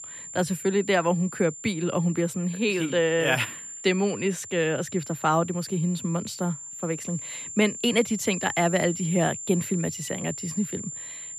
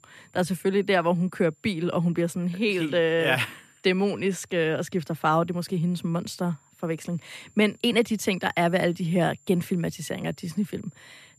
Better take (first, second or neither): second